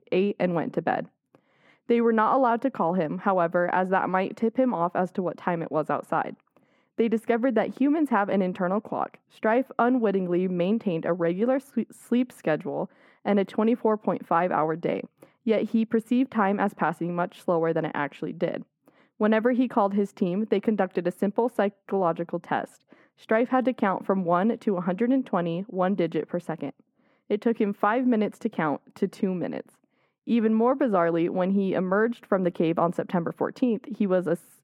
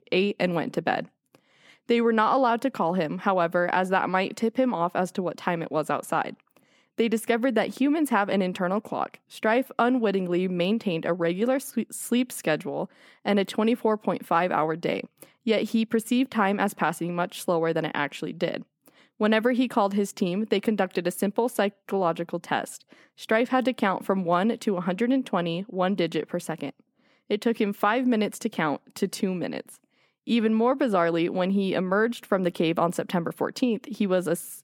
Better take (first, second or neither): second